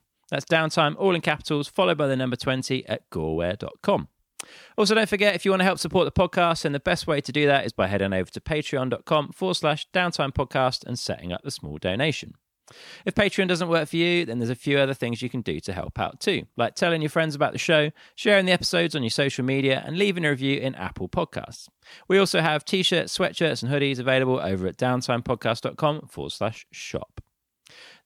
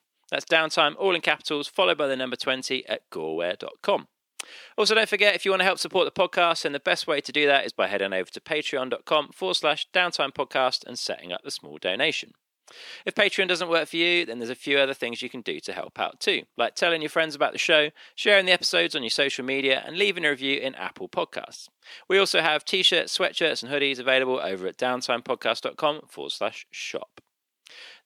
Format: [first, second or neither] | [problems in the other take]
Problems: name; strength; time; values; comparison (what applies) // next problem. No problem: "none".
first | thin; somewhat; fading below 400 Hz